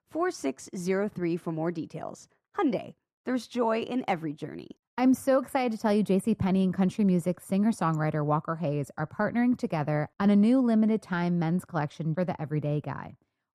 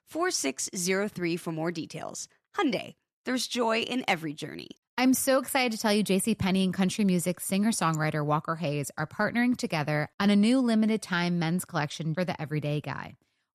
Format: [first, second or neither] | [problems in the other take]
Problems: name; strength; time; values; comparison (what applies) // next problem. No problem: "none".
second | muffled; slightly; fading above 2 kHz